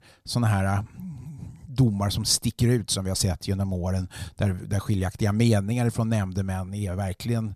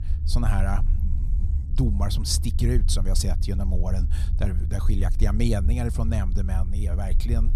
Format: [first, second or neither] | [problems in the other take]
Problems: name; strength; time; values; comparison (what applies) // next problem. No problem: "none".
first | low rumble; noticeable; throughout; 10 dB below the speech